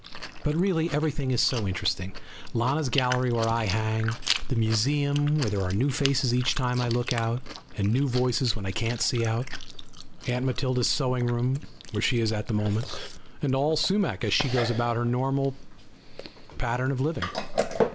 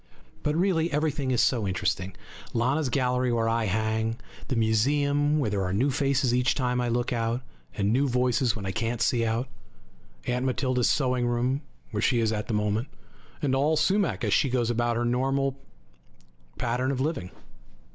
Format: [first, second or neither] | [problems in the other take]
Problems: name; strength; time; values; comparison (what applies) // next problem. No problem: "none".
second | background sound (Chewing, mastication); 11 dB below the speech